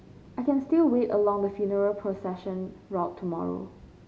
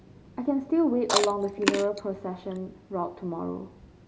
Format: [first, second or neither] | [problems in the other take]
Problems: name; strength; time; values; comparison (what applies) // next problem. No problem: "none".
first | background sound (Chewing, mastication); 1 dB below the speech